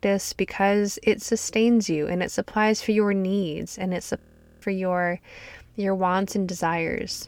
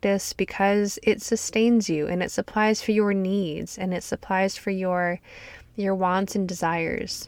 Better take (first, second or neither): second